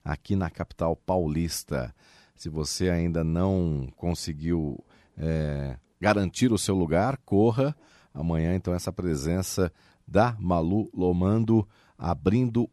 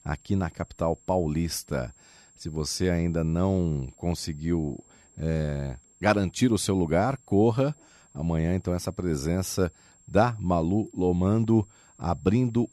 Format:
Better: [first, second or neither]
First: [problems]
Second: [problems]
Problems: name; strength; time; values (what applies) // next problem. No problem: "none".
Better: first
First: none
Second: high-pitched whine; faint; throughout; 7.5 kHz, 30 dB below the speech